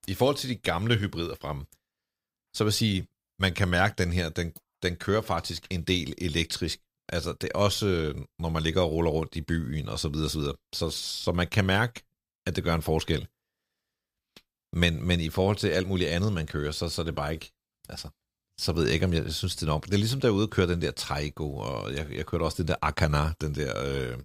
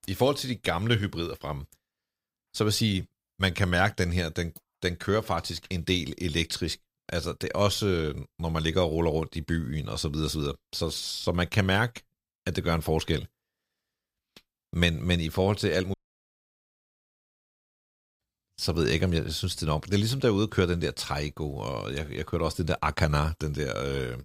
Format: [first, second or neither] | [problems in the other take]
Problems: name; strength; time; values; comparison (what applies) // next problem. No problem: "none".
first | audio cutting out; at 16 s for 2.5 s